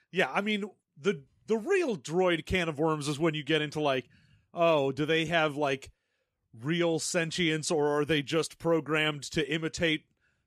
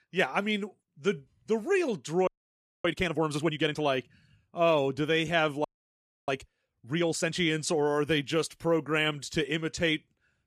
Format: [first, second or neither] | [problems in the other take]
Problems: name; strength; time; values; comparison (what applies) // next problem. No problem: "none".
first | audio freezing; at 2.5 s for 0.5 s and at 5.5 s for 0.5 s